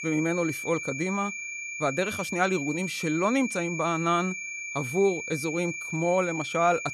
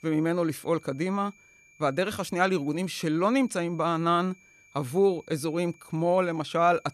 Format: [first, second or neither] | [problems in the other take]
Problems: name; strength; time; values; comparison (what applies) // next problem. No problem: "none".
second | high-pitched whine; loud; throughout; 2.5 kHz, 5 dB below the speech; faint in the second